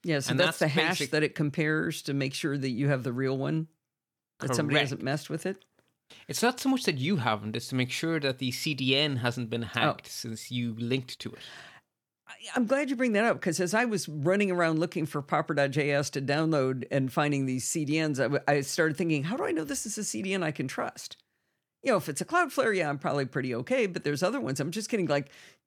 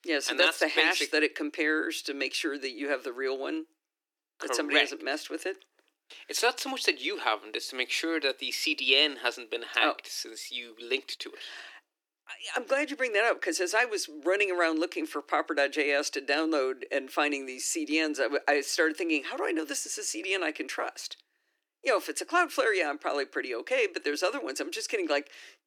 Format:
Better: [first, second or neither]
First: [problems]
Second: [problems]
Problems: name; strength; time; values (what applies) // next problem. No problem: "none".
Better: first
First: none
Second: thin; somewhat; fading below 300 Hz